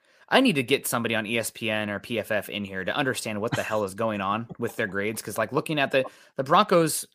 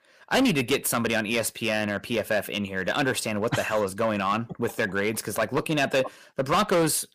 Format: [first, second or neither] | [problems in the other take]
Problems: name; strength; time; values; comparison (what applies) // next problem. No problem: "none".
first | distortion; heavy; 7% of the sound clipped